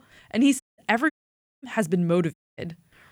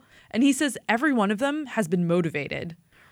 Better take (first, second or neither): second